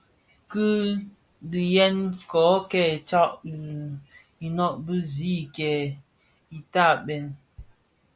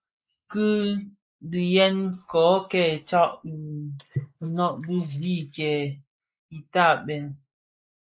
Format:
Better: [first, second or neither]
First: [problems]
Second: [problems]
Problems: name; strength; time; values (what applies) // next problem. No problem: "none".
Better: first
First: none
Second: noise reduction (neural mask model Resemble Enhance denoiser)